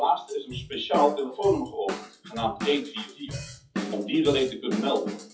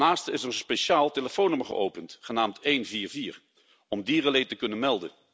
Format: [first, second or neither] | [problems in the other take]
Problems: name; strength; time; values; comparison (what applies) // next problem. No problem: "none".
second | noise reduction (classical method WPE with log-MMSE)